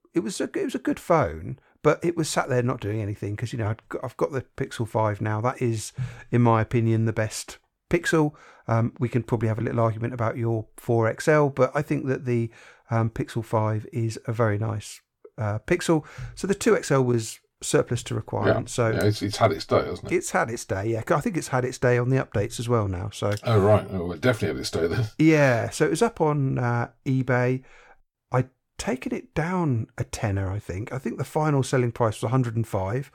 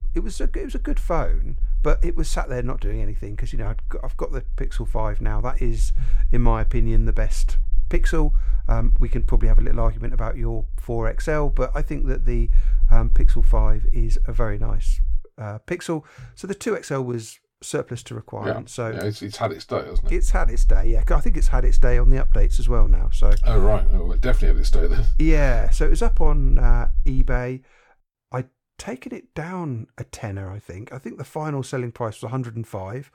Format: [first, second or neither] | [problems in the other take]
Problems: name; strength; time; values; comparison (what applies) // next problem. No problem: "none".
first | low rumble; faint; until 15 s and from 20 to 27 s; 25 dB below the speech